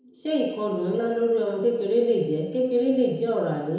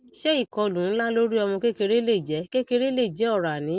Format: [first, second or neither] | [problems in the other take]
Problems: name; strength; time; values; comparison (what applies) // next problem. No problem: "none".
second | room echo; dies away in 1 s